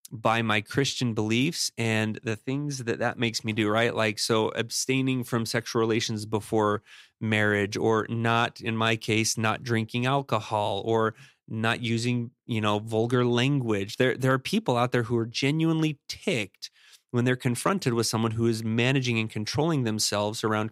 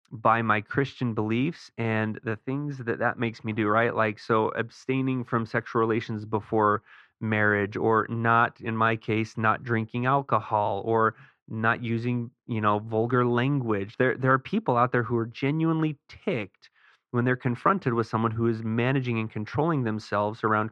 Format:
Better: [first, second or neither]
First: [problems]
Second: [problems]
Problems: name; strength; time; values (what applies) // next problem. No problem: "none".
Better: first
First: none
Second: muffled; very; fading above 2 kHz